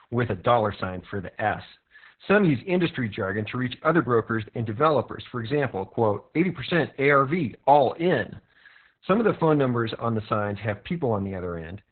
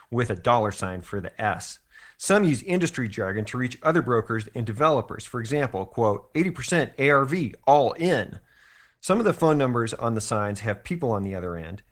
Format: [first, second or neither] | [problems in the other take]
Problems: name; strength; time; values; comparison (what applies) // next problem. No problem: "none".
second | garbled, watery; badly; nothing above 4 kHz; slightly in the second